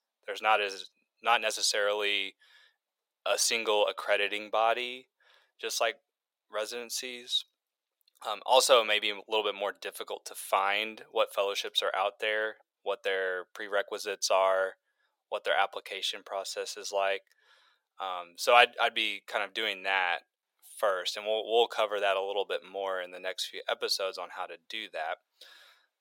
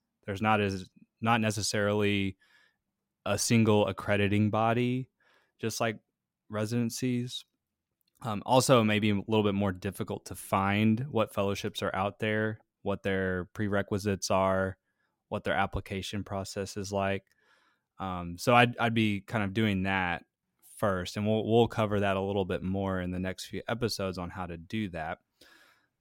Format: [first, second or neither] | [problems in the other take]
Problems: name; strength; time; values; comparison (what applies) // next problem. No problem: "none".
second | thin; very; fading below 500 Hz